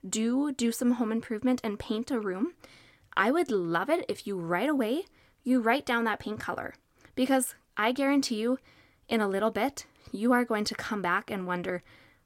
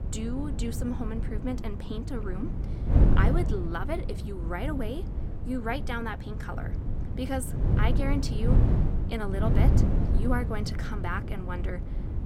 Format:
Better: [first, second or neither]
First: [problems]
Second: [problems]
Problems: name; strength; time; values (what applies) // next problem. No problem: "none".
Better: first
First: none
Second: wind noise on the microphone; heavy; 5 dB below the speech